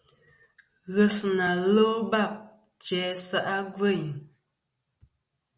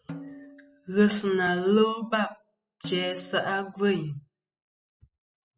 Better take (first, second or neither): first